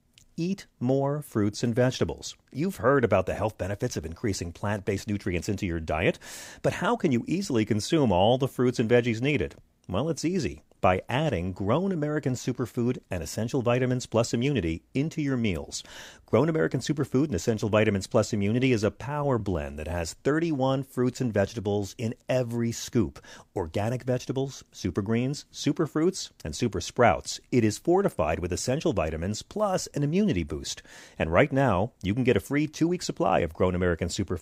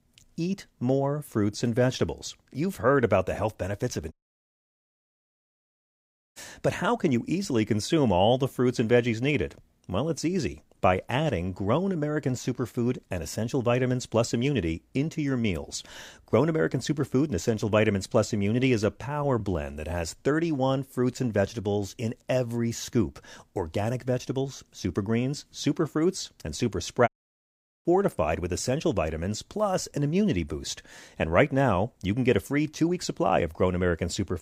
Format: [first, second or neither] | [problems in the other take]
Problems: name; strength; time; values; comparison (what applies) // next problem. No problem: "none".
first | audio cutting out; at 4 s for 2 s and at 27 s for 1 s